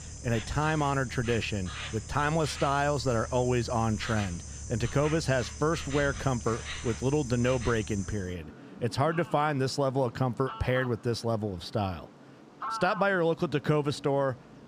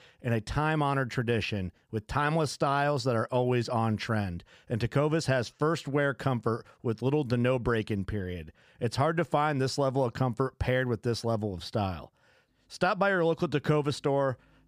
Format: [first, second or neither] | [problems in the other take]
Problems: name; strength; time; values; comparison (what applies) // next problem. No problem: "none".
second | animal sounds; noticeable; throughout; 10 dB below the speech